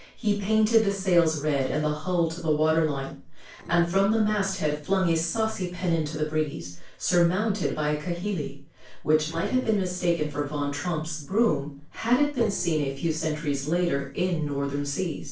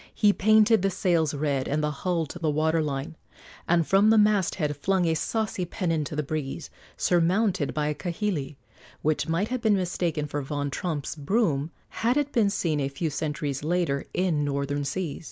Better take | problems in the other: second | noise reduction (neural separator model SepFormer DNS4)

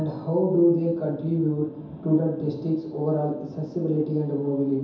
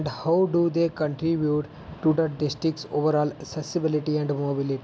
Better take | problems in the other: second | room echo; dies away in 0.9 s

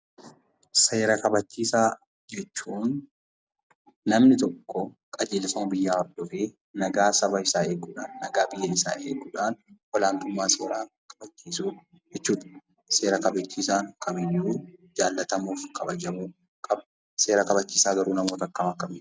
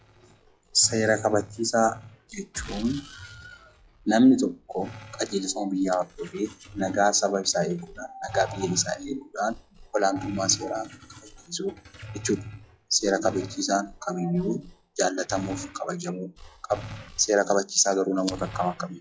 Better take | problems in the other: first | noise reduction (classical method log-MMSE)

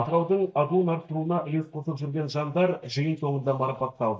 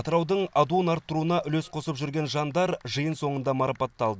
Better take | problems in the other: second | noise reduction (neural mask model DeepFilterNet 3)

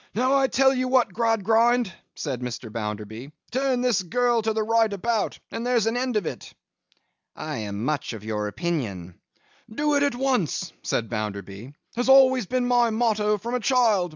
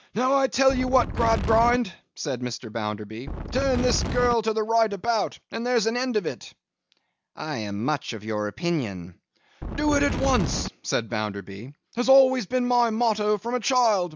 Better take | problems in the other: first | background sound (Wind); 4 dB below the speech

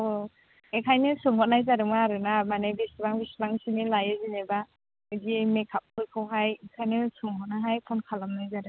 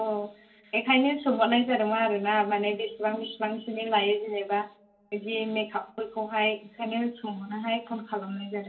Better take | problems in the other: first | room echo; dies away in 0.3 s

